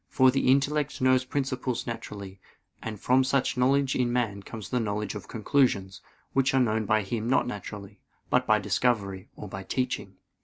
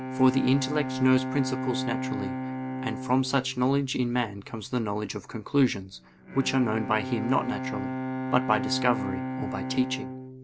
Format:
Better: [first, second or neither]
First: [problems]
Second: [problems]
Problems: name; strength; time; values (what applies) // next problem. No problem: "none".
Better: first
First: none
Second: background sound (Bowed string instrument); 6 dB below the speech